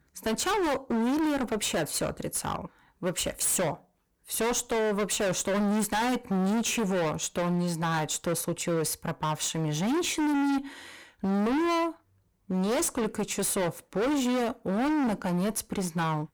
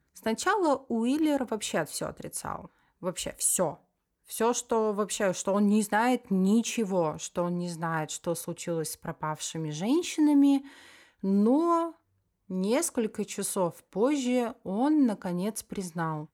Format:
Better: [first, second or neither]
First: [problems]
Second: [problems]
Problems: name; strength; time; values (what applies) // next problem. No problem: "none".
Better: second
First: distortion; heavy; 31% of the sound clipped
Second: none